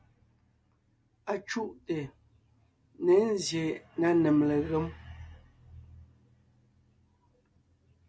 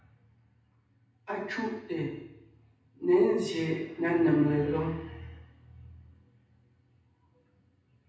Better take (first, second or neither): first